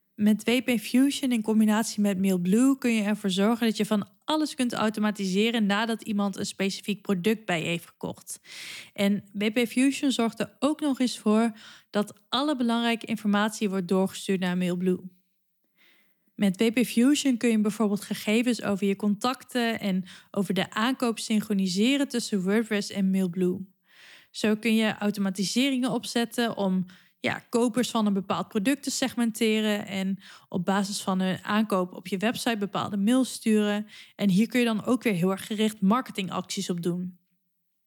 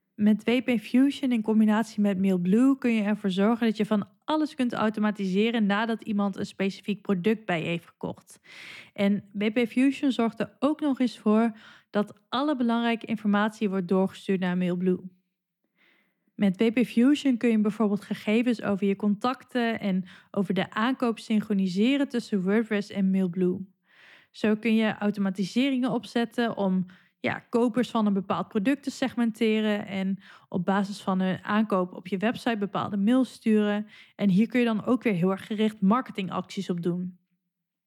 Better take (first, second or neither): first